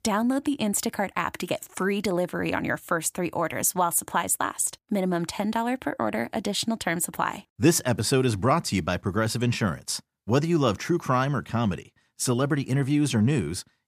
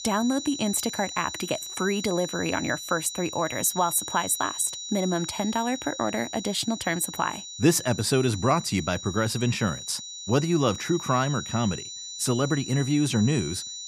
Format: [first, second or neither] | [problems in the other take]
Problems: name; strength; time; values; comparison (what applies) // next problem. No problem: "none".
first | high-pitched whine; loud; throughout; 4 kHz, 9 dB below the speech